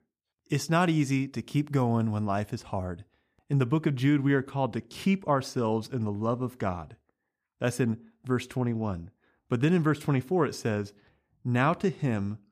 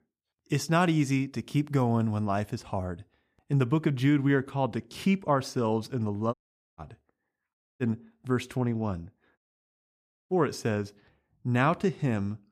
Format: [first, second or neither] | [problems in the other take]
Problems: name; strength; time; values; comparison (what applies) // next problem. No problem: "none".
first | audio cutting out; at 6.5 s, at 7.5 s and at 9.5 s for 1 s